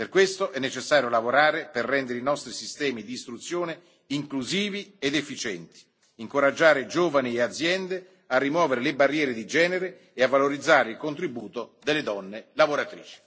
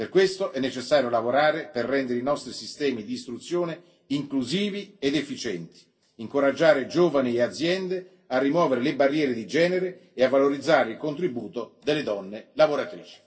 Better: first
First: none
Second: room echo; dies away in 0.2 s

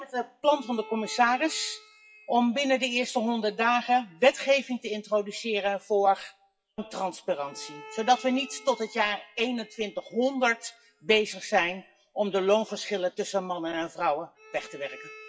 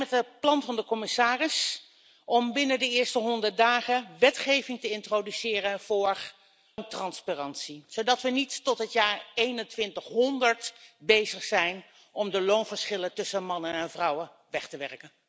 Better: second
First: noise reduction (classical method WPE with log-MMSE)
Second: none

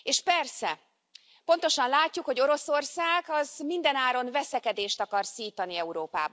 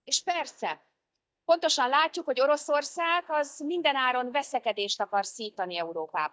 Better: first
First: none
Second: noise reduction (neural mask model DeepFilterNet 3)

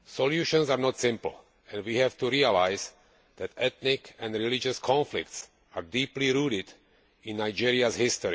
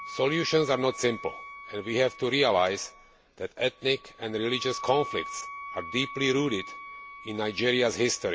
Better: first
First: none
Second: background sound (Wind instrument, woodwind instrument); 14 dB below the speech

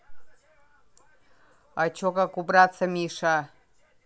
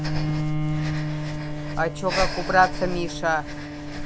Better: first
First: none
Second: background sound (Bowed string instrument + Breathing); as loud as the speech

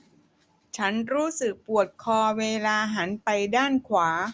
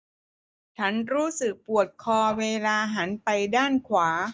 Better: first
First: none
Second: noise reduction (neural mask model DeepFilterNet 3)

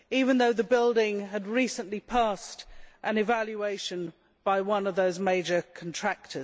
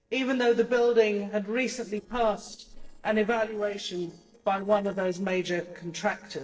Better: first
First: none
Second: noise reduction (neural separator model SepFormer DNS4)

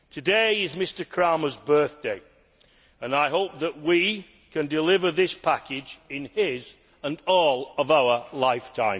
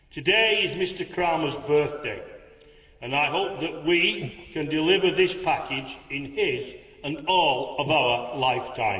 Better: first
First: none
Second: background sound (Breathing); 12 dB below the speech // room echo; dies away in 1.9 s

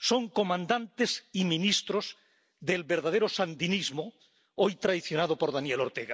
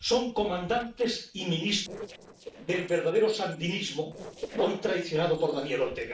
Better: first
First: none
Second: noise reduction (neural separator model SepFormer DNS4)

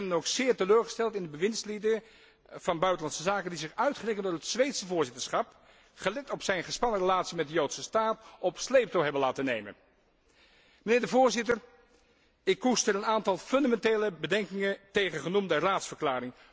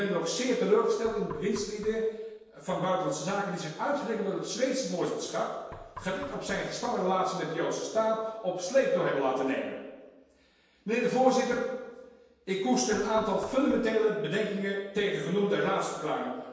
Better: first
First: none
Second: noise reduction (neural separator model SepFormer DNS4)

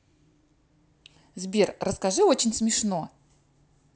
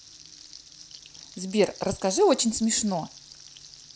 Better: first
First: none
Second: background sound (Frying (food)); 20 dB below the speech

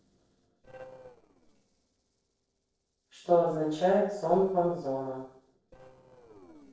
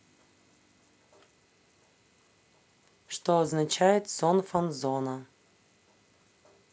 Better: second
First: noise reduction (neural separator model SepFormer DNS4)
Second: none

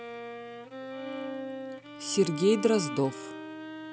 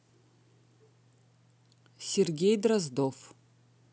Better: second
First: background sound (Bowed string instrument); 8 dB below the speech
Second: none

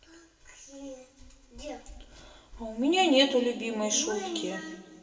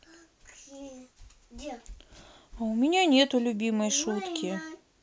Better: second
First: room echo; dies away in 2.1 s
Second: none

